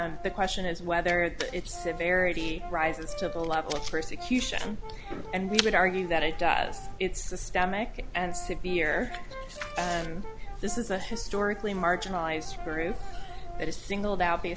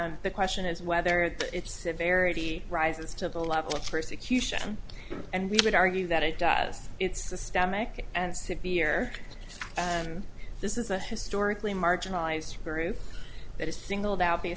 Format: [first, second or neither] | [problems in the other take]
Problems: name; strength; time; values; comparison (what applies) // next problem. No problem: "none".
second | background sound (Brass instrument); 16 dB below the speech